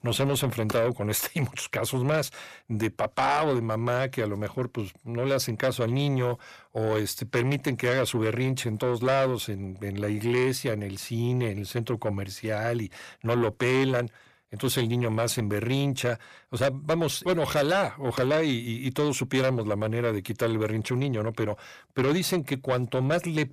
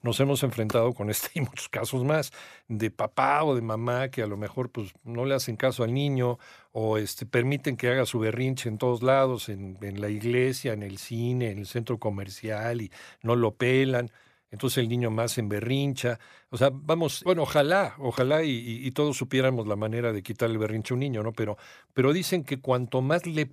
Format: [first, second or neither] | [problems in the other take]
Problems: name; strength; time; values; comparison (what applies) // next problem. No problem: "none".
second | distortion; slight; 10 dB below the speech